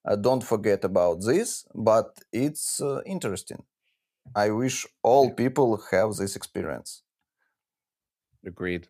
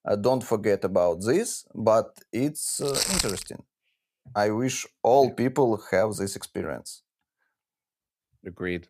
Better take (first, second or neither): first